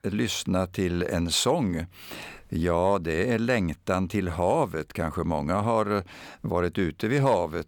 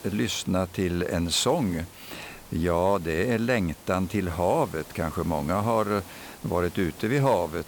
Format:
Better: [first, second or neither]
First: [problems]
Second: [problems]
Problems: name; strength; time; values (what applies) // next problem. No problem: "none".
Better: first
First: none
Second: hiss; noticeable; throughout; 20 dB below the speech